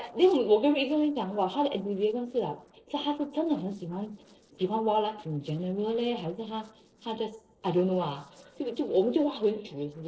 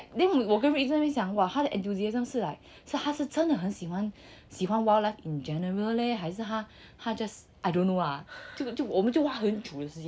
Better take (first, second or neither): second